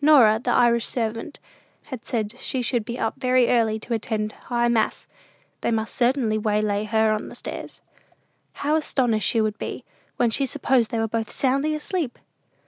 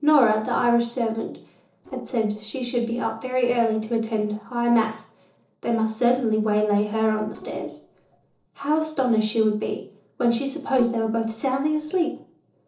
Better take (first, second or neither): first